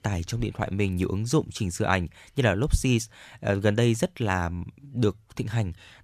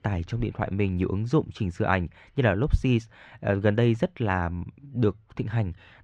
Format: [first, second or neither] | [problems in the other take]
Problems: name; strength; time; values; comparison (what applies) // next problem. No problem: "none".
first | muffled; very; fading above 2.5 kHz